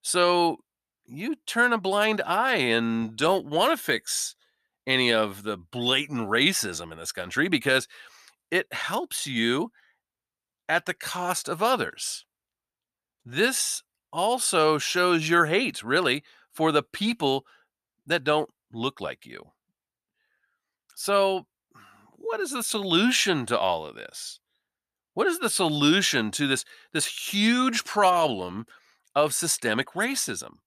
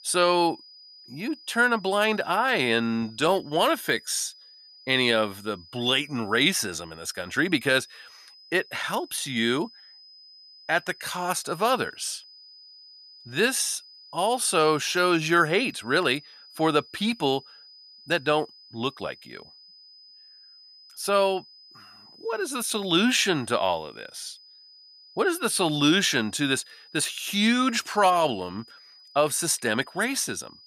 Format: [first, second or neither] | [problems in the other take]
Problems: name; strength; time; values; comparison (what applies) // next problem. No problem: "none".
first | high-pitched whine; faint; throughout; 5 kHz, 25 dB below the speech